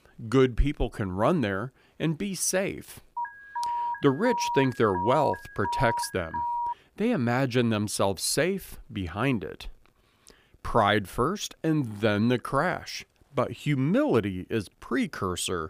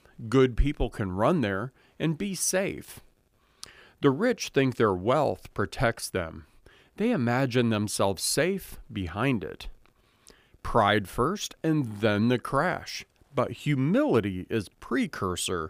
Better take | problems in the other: second | alarm; noticeable; from 3 to 6.5 s; peak 2 dB below the speech

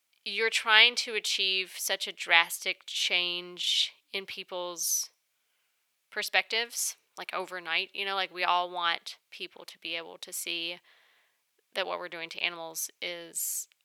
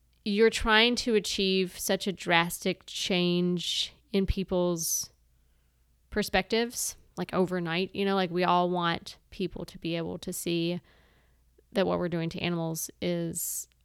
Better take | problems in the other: second | thin; very; fading below 800 Hz

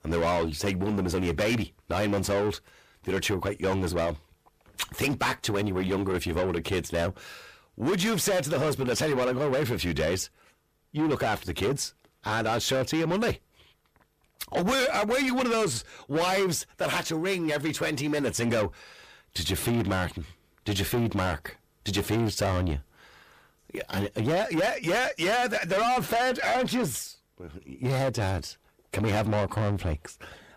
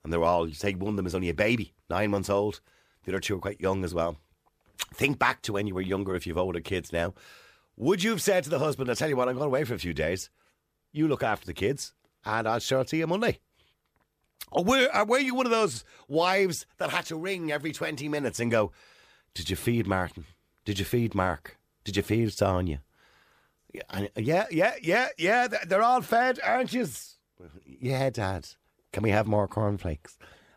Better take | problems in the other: second | distortion; heavy; 7 dB below the speech

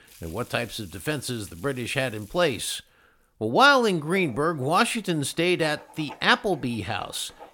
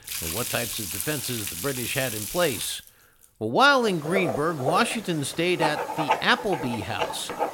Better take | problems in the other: first | household noises; loud; throughout; 4 dB below the speech; faint in the first

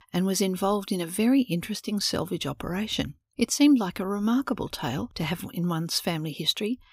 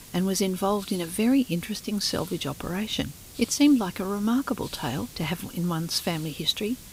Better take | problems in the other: first | hiss; noticeable; throughout; 15 dB below the speech

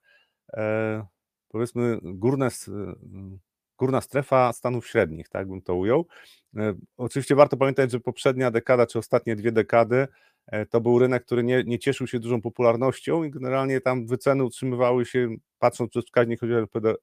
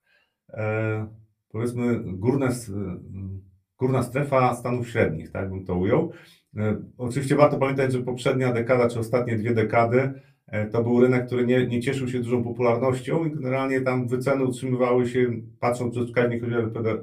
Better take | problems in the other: first | off-mic speech; somewhat distant // room echo; very slight; dies away in 0.2 s

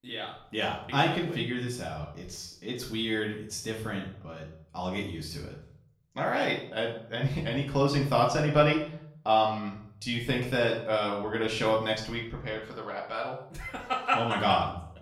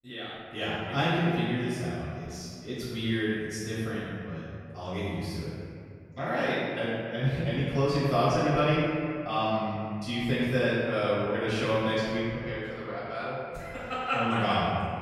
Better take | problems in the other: first | room echo; strong; dies away in 2.1 s; slight in the first // off-mic speech; far; far in the first

